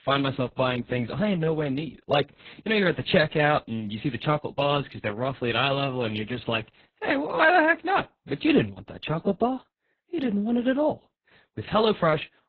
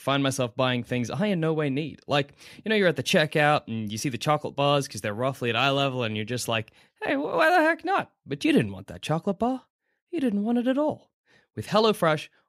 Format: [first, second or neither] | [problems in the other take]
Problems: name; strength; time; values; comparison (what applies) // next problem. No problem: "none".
second | garbled, watery; badly; nothing above 4 kHz